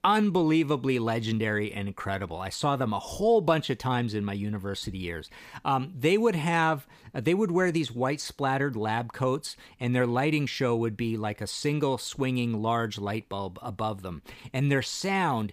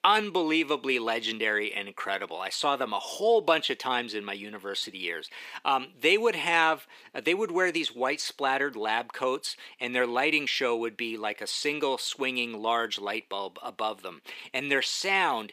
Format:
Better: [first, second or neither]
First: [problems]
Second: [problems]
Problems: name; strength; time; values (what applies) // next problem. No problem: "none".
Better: first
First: none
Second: thin; somewhat; fading below 350 Hz